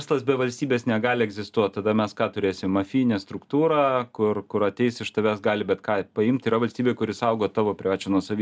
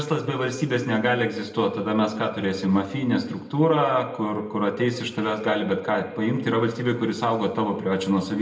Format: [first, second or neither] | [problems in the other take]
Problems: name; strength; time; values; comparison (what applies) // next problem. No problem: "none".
first | room echo; dies away in 1 s